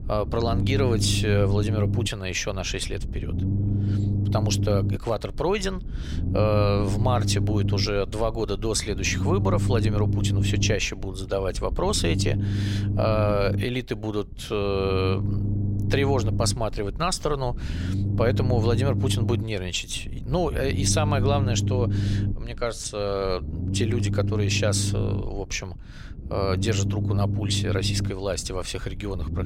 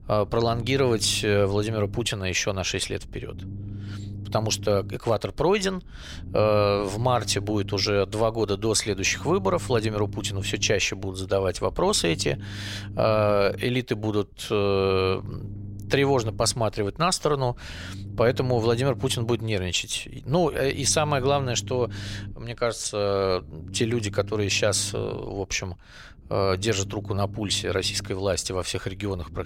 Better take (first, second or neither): second